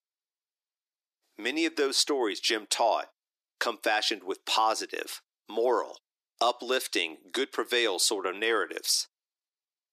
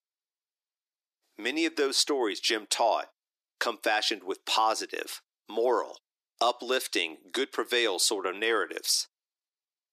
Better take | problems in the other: neither | thin; somewhat; fading below 300 Hz; the same in both

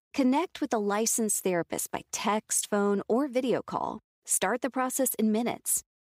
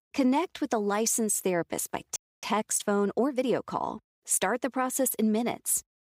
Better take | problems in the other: first | audio freezing; at 2 s

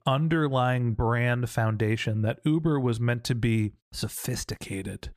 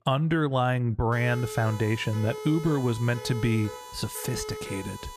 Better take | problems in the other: first | siren; noticeable; from 1 s on; peak 10 dB below the speech

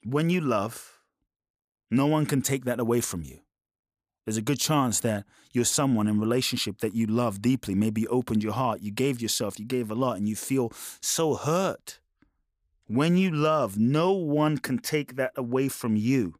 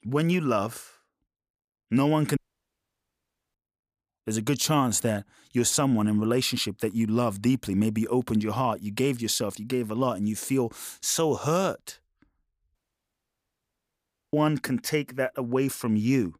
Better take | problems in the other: first | audio cutting out; at 2.5 s for 1 s and at 13 s for 1.5 s

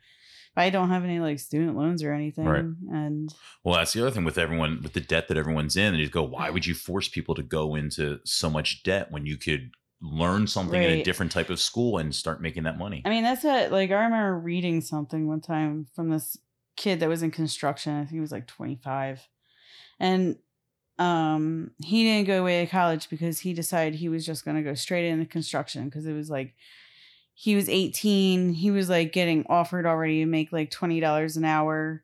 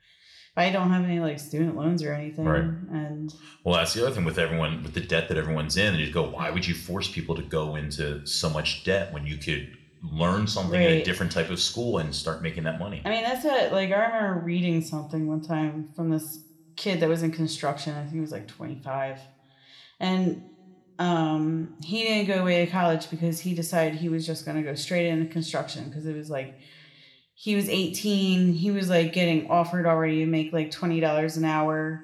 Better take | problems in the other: first | room echo; very slight; dies away in 0.7 s

